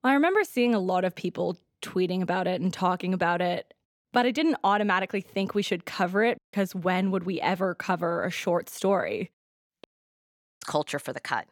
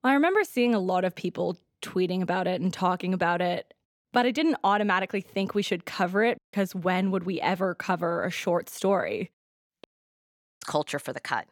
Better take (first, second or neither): neither